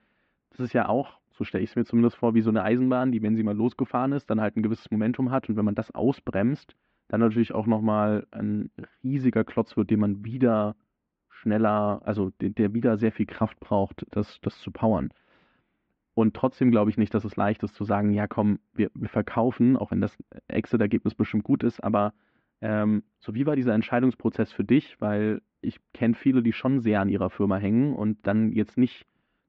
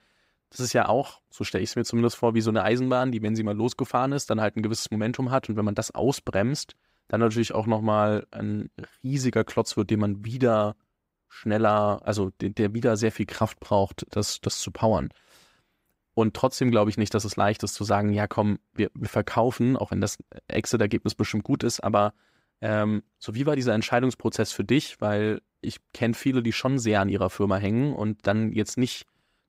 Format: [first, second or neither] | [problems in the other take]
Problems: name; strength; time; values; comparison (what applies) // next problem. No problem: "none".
second | muffled; very; fading above 3 kHz